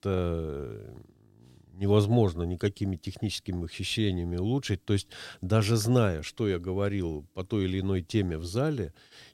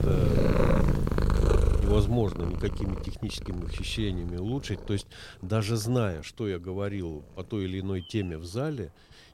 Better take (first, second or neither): first